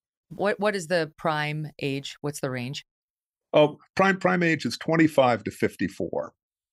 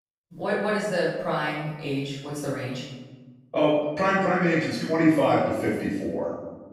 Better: first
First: none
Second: off-mic speech; far // room echo; strong; dies away in 1 s

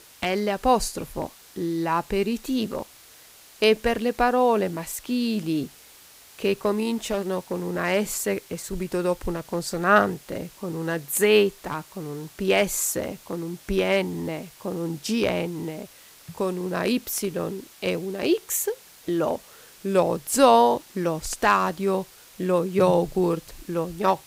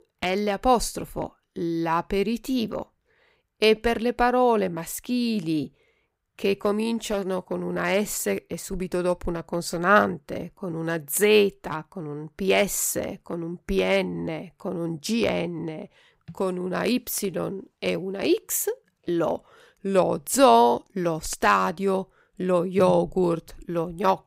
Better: second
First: hiss; faint; throughout; 25 dB below the speech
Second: none

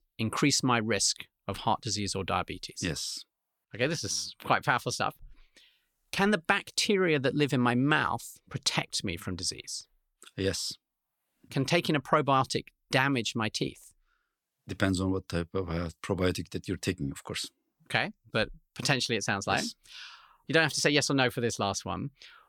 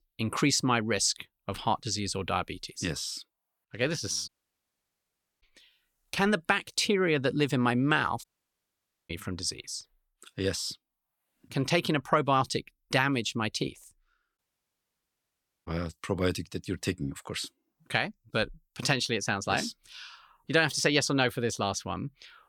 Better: first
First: none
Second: audio cutting out; at 4.5 s for 1 s, at 8 s for 1 s and at 14 s for 1.5 s

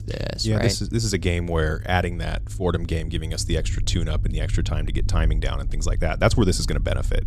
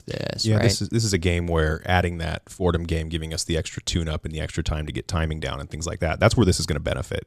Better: second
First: low rumble; noticeable; throughout; 20 dB below the speech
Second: none

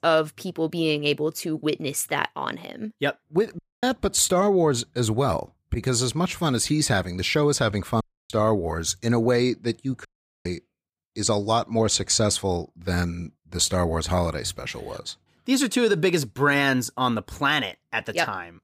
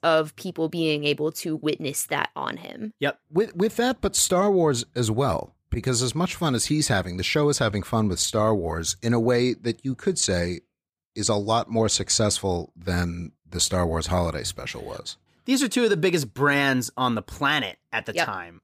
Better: second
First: audio cutting out; at 3.5 s, at 8 s and at 10 s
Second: none

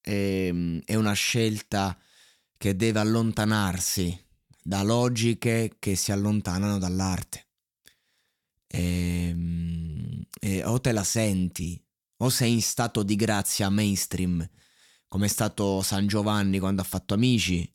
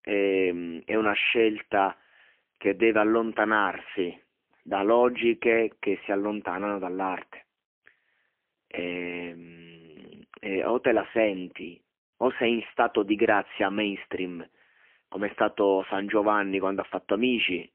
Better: first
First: none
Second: phone-call audio; poor line; nothing above 3 kHz

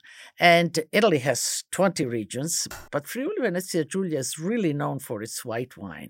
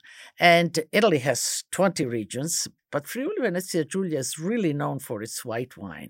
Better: second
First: keyboard typing; faint; at 2.5 s; peak 20 dB below the speech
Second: none

